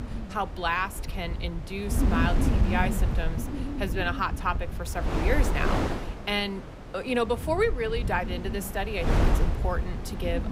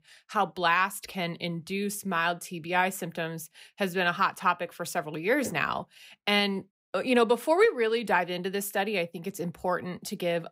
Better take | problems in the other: second | wind noise on the microphone; heavy; 7 dB below the speech

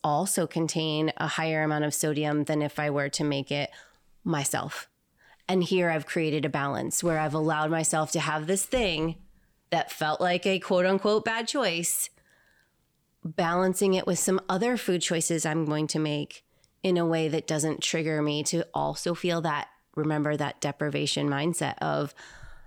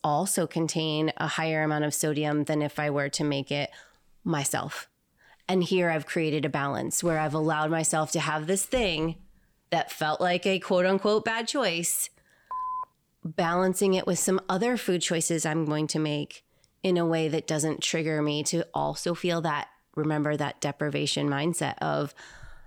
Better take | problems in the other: first | phone ringing; noticeable; at 13 s; peak 6 dB below the speech

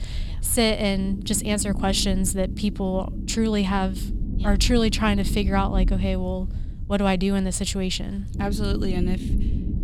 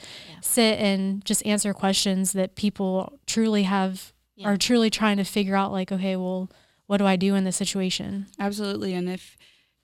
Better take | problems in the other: second | low rumble; noticeable; throughout; 15 dB below the speech

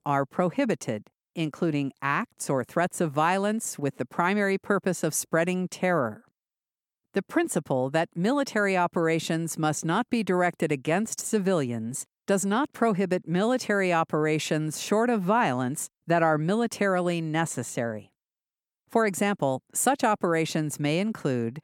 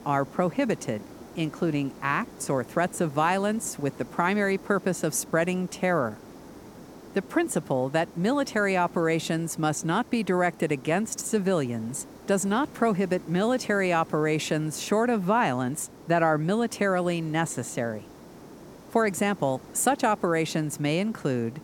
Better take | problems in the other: first | hiss; noticeable; throughout; 20 dB below the speech

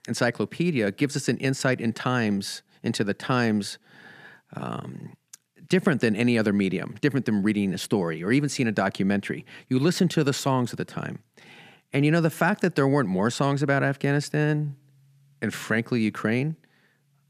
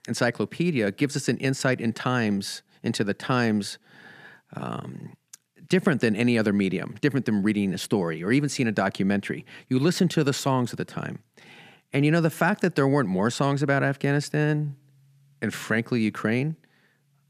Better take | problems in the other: neither | none

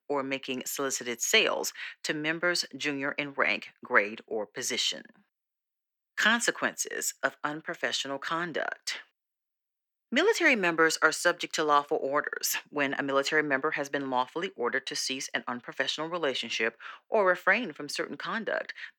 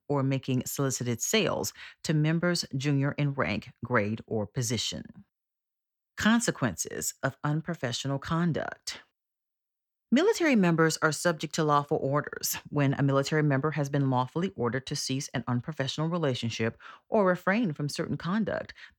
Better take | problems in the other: second | thin; somewhat; fading below 300 Hz

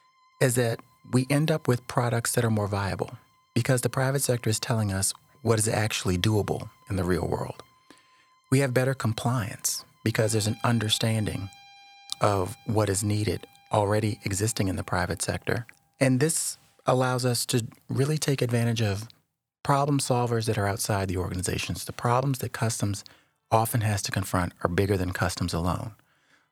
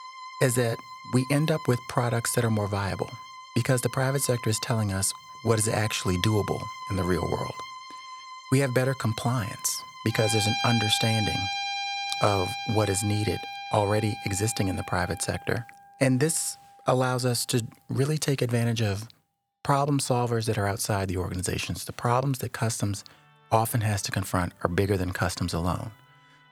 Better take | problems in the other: first | background music; loud; throughout; 8 dB below the speech; faint in the first

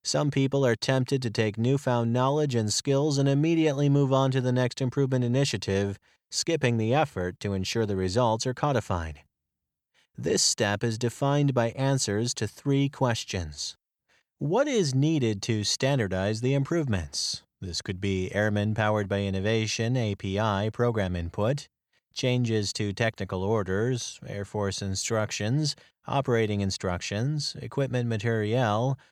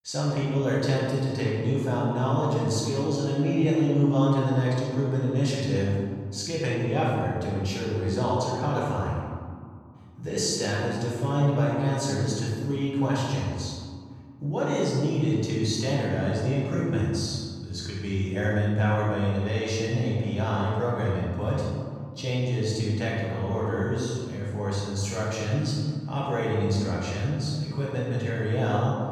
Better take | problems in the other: first | room echo; strong; dies away in 2 s // off-mic speech; far

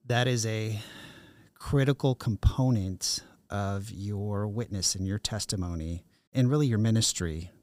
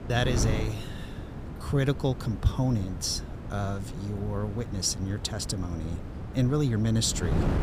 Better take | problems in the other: first | wind noise on the microphone; heavy; 10 dB below the speech

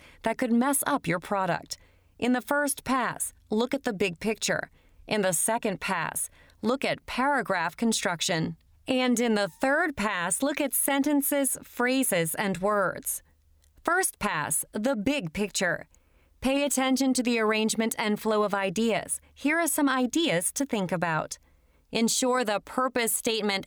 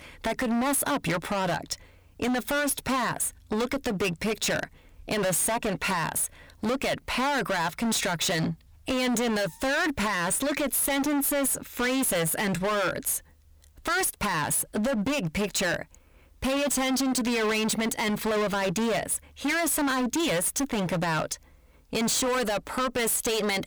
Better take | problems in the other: first | distortion; heavy; 28% of the sound clipped

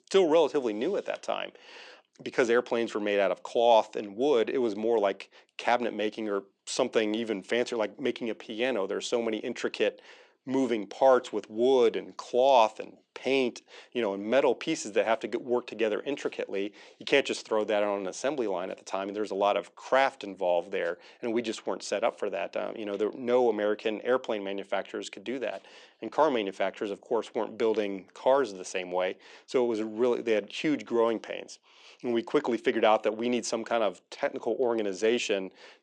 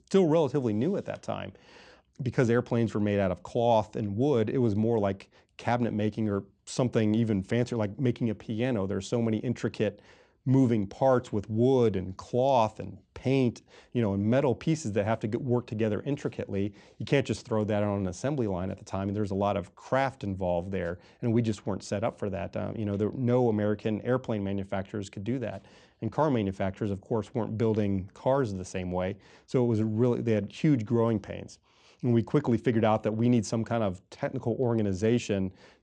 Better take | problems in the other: second | thin; somewhat; fading below 350 Hz

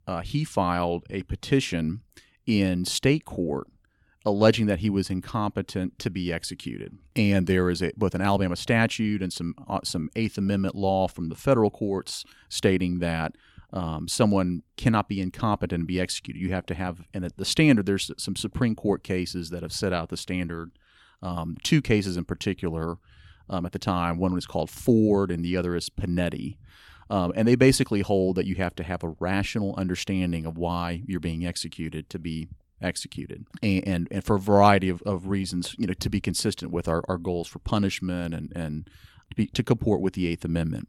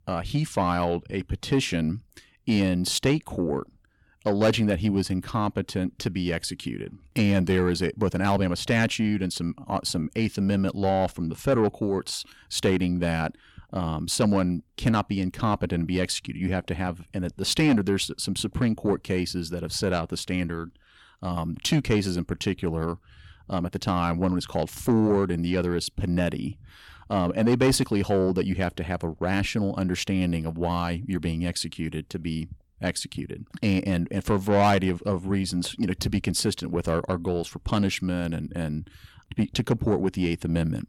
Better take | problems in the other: first | distortion; slight; 10 dB below the speech

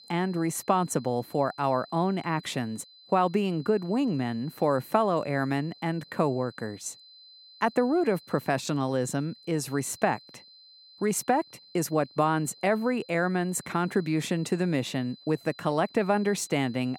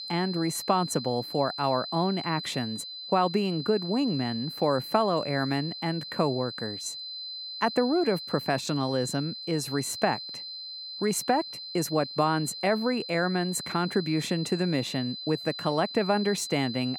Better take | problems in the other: first | high-pitched whine; loud; throughout; 4 kHz, 8 dB below the speech; faint in the first

